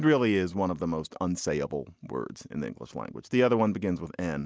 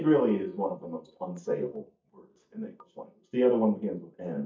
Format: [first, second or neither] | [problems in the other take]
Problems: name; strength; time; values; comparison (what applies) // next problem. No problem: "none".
first | noise reduction (neural mask model DeepFilterNet 3)